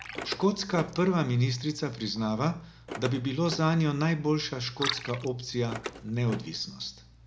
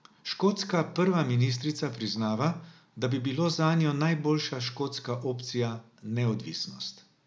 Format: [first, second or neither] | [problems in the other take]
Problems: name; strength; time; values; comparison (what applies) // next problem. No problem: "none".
second | background sound (Car + Liquid); 12 dB below the speech